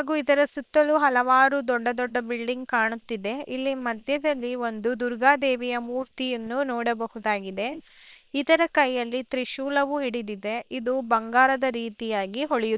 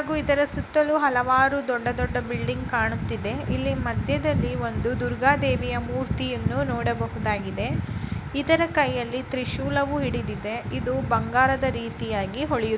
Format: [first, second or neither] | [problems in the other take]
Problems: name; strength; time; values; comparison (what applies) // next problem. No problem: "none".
second | noise reduction (neural separator model SepFormer WHAM!)